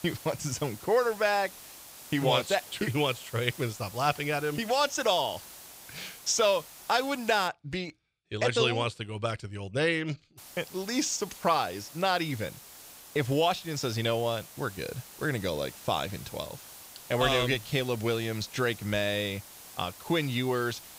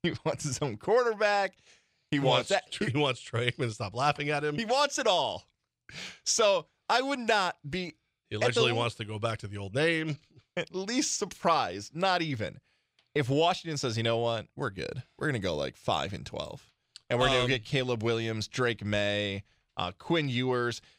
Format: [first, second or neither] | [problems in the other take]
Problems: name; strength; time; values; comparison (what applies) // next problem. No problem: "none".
second | hiss; noticeable; until 7.5 s and from 10 s on; 15 dB below the speech